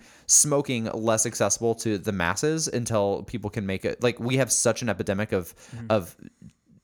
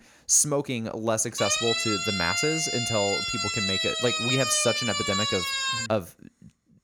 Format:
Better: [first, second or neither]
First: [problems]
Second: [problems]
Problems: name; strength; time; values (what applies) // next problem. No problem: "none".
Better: first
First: none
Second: siren; loud; from 1.5 to 6 s; peak 2 dB above the speech